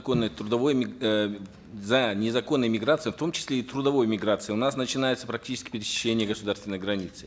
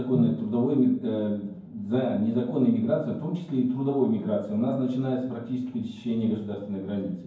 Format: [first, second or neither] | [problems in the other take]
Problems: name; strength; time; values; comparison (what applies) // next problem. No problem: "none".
first | room echo; dies away in 0.9 s